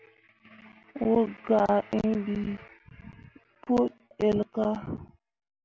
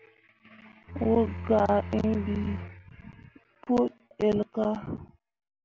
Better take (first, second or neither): first